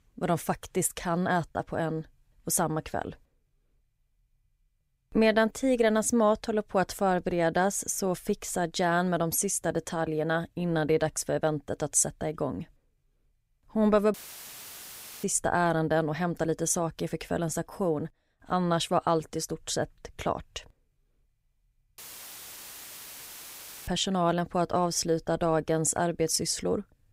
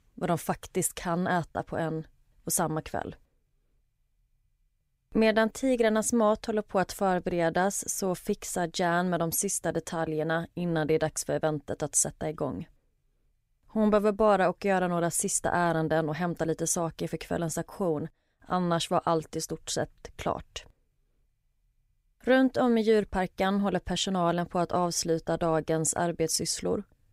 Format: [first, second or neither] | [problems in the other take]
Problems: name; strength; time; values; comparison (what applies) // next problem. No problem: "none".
second | audio cutting out; filled with static; at 14 s for 1 s and at 22 s for 2 s